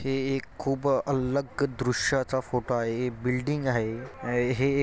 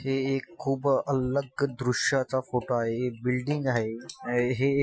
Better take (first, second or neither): first